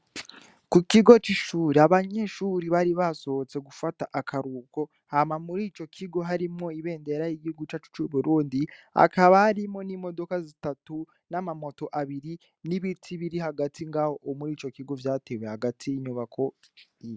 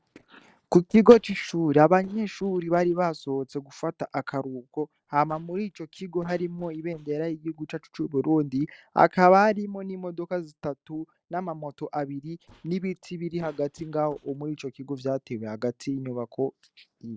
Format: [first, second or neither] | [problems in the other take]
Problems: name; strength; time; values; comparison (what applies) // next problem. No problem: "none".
first | noise reduction (neural separator model SepFormer DNS4)